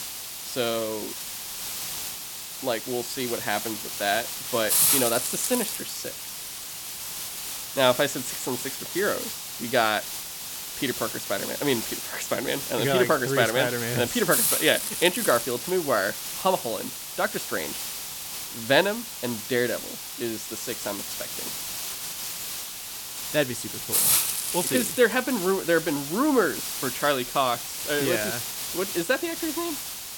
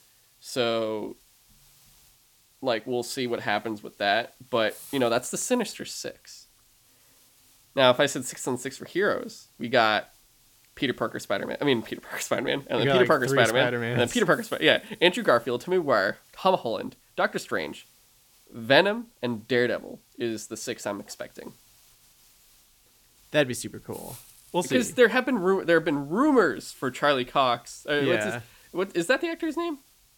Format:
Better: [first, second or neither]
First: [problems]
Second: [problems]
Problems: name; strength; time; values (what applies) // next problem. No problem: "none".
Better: second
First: hiss; loud; throughout; 2 dB below the speech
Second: hiss; faint; throughout; 30 dB below the speech